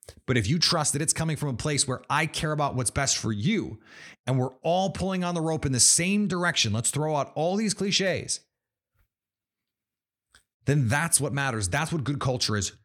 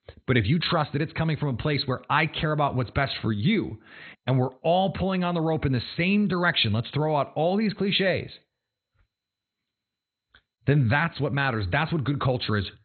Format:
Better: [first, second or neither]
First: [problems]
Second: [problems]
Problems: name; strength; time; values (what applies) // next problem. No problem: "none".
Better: first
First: none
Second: garbled, watery; badly; nothing above 4 kHz